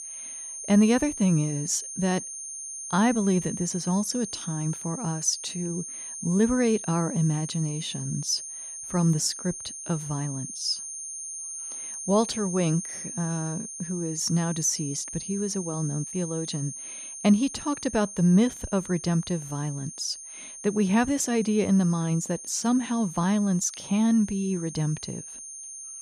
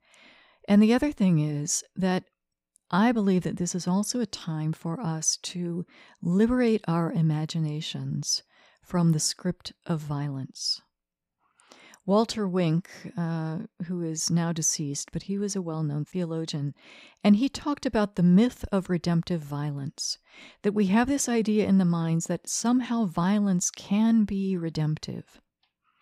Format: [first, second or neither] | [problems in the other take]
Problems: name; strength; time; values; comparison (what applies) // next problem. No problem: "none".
second | high-pitched whine; loud; throughout; 6.5 kHz, 9 dB below the speech